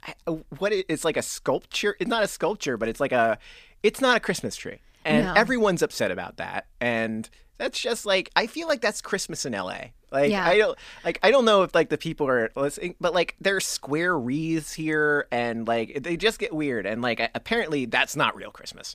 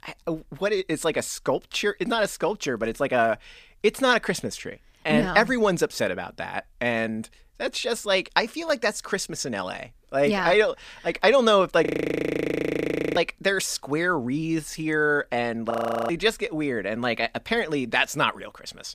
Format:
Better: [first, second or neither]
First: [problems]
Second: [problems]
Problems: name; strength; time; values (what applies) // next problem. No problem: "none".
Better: first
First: none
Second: audio freezing; at 12 s for 1.5 s and at 16 s